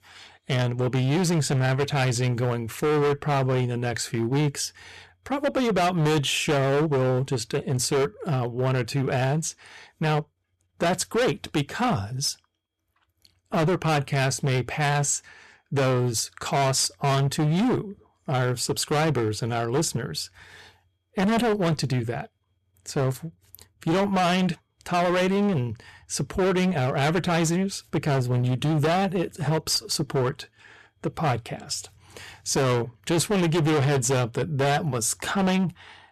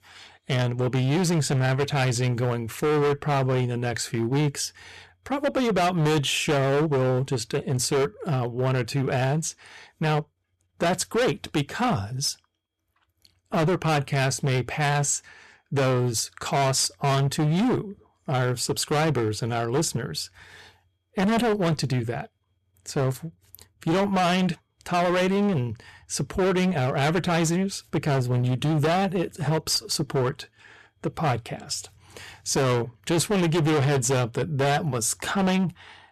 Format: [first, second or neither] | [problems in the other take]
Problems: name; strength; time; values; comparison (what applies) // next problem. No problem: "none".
neither | distortion; heavy; 18% of the sound clipped; the same in both